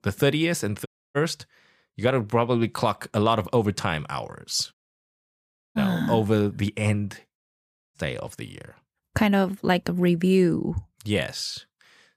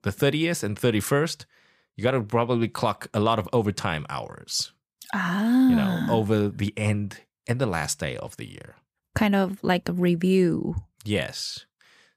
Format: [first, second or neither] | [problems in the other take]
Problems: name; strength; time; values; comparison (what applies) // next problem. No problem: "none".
second | audio cutting out; at 1 s, at 4.5 s for 1 s and at 7.5 s for 0.5 s